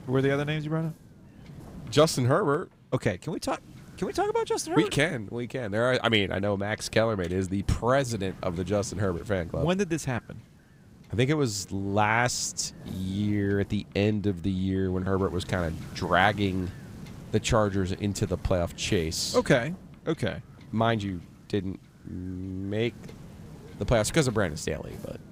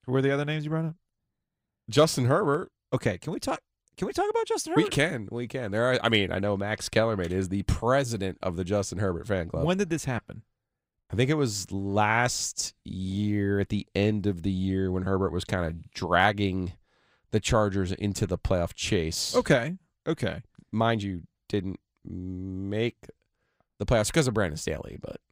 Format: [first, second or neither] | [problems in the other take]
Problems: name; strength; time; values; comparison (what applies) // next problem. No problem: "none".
second | wind noise on the microphone; occasional gusts; 25 dB below the speech